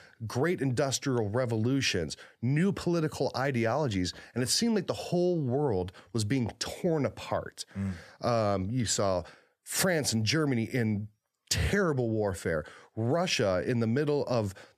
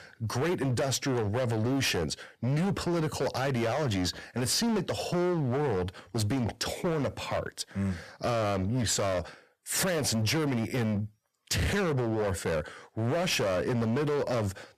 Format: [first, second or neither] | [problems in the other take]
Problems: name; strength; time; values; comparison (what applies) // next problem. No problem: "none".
first | distortion; heavy; 23% of the sound clipped